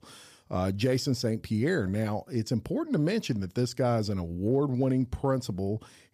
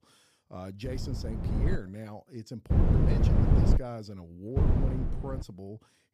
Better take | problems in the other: first | wind noise on the microphone; heavy; at 1 s, from 2.5 to 4 s and at 4.5 s; 5 dB above the speech

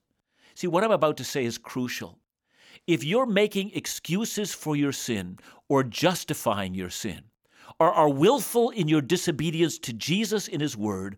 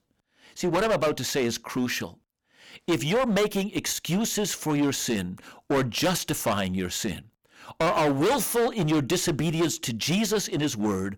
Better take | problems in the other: first | distortion; heavy; 14% of the sound clipped

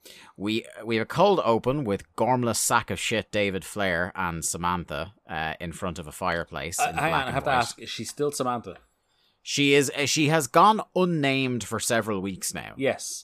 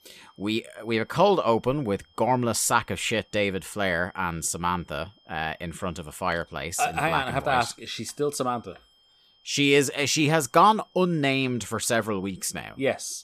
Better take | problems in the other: first | high-pitched whine; faint; throughout; 3 kHz, 35 dB below the speech

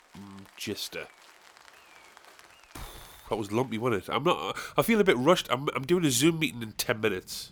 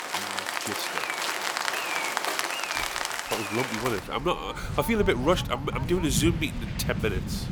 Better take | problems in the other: first | rain or running water; loud; throughout; 1 dB below the speech; faint in the first

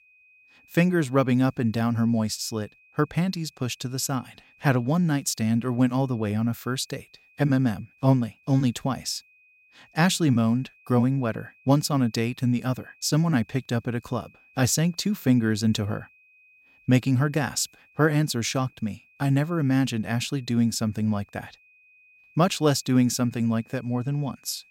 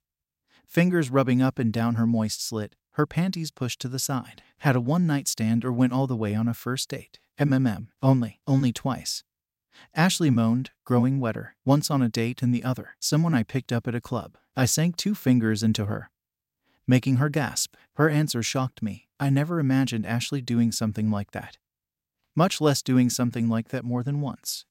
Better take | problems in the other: second | high-pitched whine; faint; throughout; 2.5 kHz, 30 dB below the speech

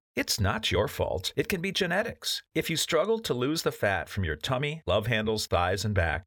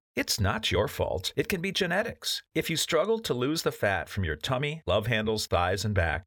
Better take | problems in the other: neither | none

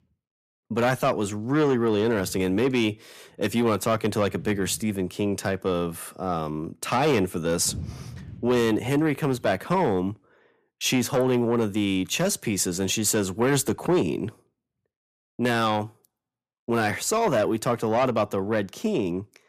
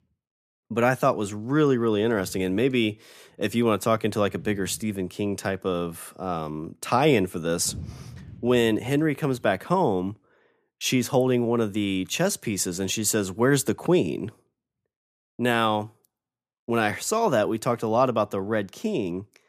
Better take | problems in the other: second | distortion; slight; 10 dB below the speech

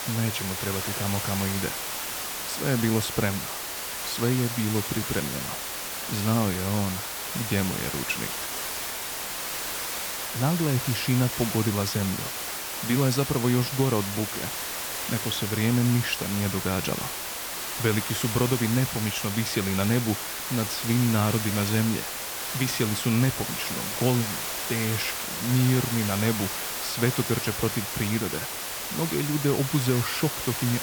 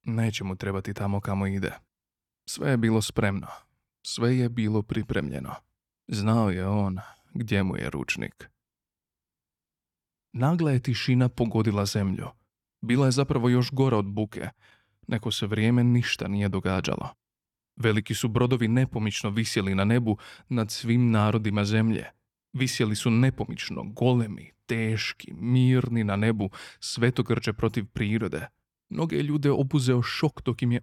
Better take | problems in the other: second | hiss; loud; throughout; 2 dB below the speech

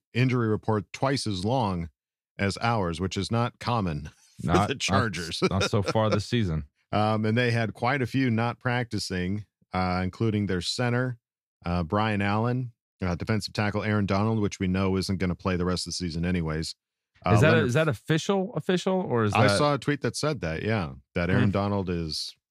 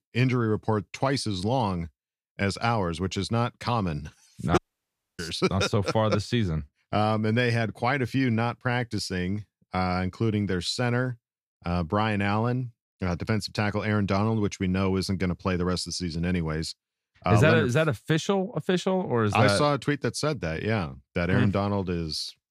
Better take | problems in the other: first | audio cutting out; at 4.5 s for 0.5 s

